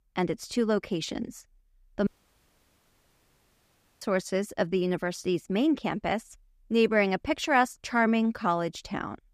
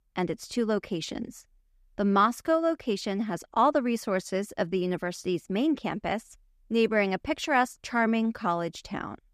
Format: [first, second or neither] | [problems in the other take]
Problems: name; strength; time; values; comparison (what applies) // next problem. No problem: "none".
second | audio cutting out; at 2 s for 2 s